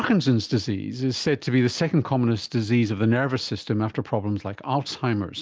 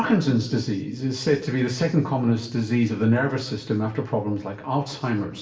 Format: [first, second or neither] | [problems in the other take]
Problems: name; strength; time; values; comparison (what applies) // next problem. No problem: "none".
first | room echo; dies away in 0.7 s